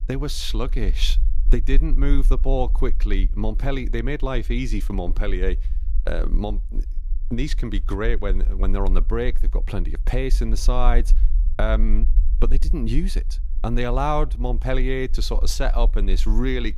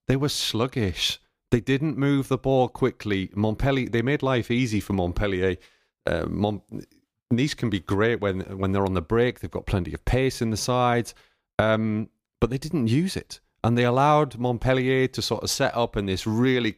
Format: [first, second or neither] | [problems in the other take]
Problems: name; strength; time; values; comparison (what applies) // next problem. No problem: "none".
second | low rumble; faint; throughout; 20 dB below the speech